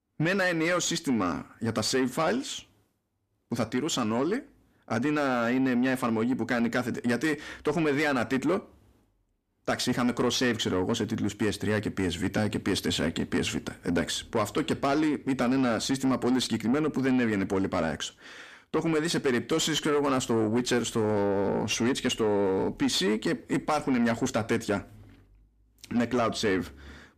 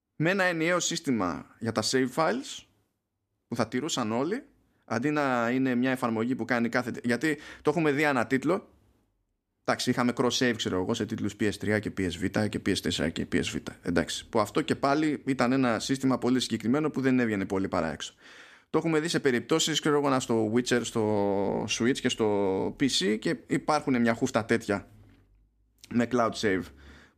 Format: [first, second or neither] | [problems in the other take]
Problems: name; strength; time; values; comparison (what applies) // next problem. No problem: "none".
second | distortion; slight; 10 dB below the speech